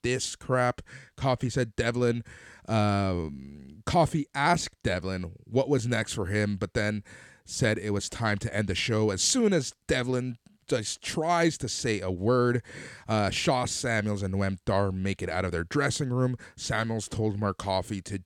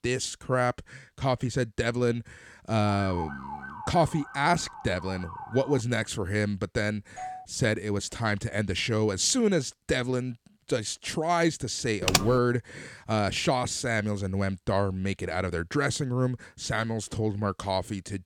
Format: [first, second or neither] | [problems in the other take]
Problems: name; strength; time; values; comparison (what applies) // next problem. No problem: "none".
first | siren; noticeable; from 3 to 6 s; peak 9 dB below the speech // doorbell; faint; at 7 s; peak 10 dB below the speech // keyboard typing; loud; at 12 s; peak 3 dB above the speech